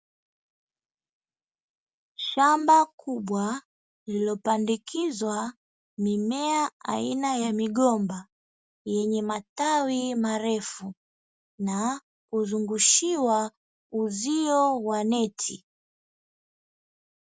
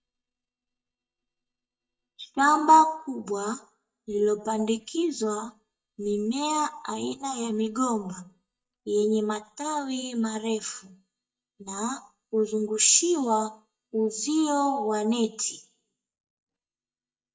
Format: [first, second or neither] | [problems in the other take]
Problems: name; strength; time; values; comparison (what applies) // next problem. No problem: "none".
first | noise reduction (neural mask model DeepFilterNet 3)